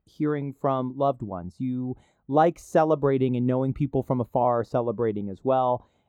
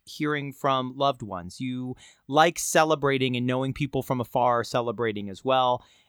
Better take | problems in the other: second | muffled; very; fading above 1.5 kHz

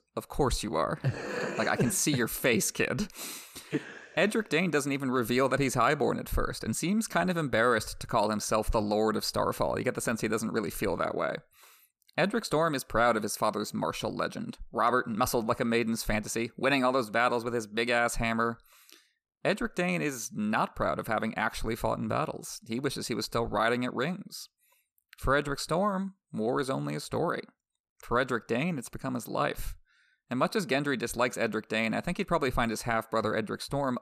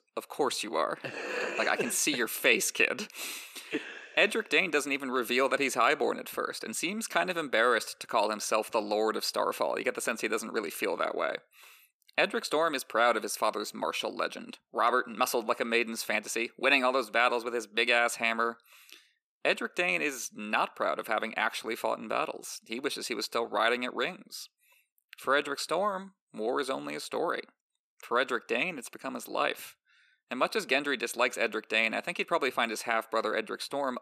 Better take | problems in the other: first | thin; somewhat; fading below 300 Hz

